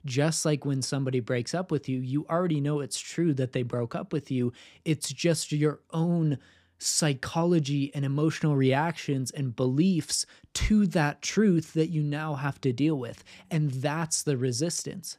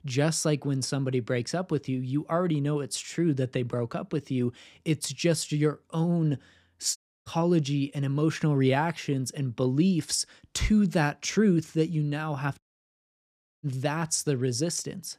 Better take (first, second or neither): first